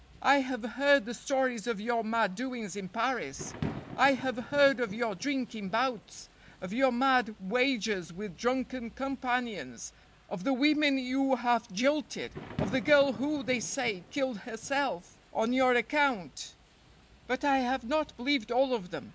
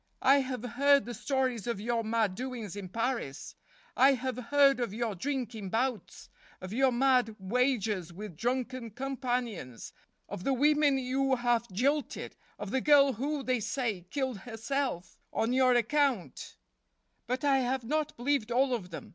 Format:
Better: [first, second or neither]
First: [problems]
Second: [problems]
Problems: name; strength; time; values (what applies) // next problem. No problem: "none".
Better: second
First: background sound (Thunder / Rain); 17 dB below the speech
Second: none